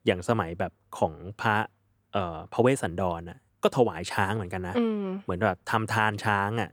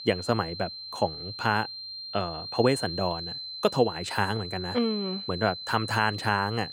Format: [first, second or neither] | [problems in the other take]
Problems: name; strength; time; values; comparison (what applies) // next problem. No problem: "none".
first | high-pitched whine; loud; throughout; 4 kHz, 7 dB below the speech